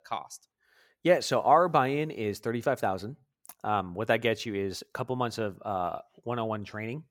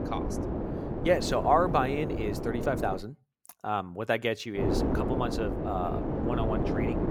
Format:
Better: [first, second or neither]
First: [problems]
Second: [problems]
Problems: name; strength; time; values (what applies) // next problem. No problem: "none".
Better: first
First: none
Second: wind noise on the microphone; heavy; until 3 s and from 4.5 s on; 5 dB below the speech